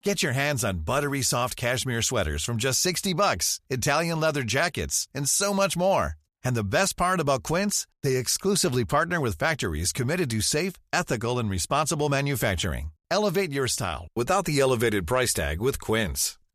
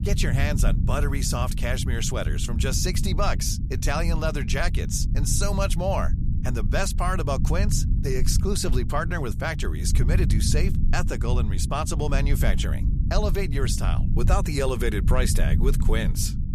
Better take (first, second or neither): first